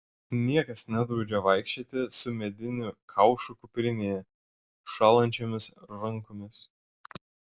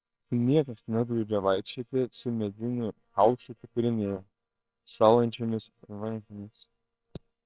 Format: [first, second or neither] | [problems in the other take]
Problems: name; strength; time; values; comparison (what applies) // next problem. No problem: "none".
first | noise reduction (neural separator model SepFormer WHAMR!)